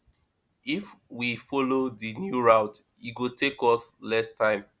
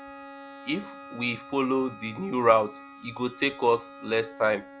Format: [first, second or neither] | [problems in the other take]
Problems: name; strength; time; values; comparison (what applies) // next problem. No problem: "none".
first | background sound (Bowed string instrument + Bowed string instrument); 17 dB below the speech